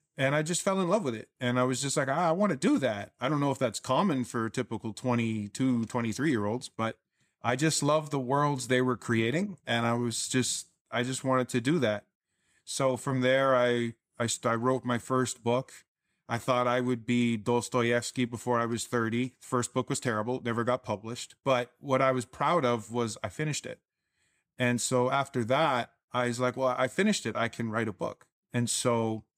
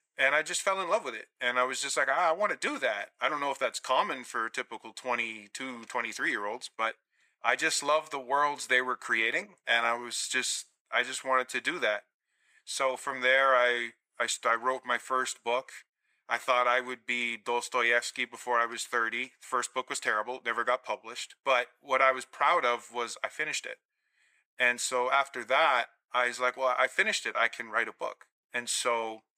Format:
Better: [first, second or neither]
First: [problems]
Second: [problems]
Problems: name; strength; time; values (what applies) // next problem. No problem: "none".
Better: first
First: none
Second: thin; very; fading below 600 Hz